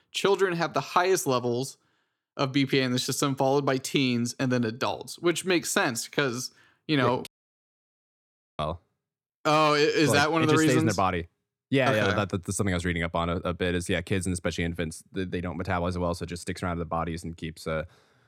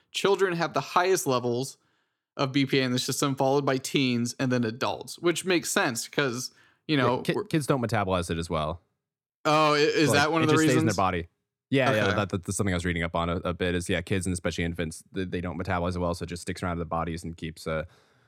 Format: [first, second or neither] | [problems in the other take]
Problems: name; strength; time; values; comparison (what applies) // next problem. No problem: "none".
second | audio cutting out; at 7.5 s for 1.5 s